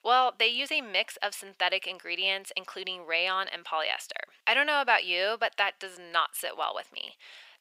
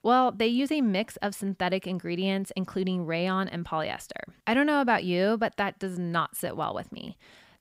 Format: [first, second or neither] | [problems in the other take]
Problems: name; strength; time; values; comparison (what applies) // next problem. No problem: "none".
second | thin; very; fading below 550 Hz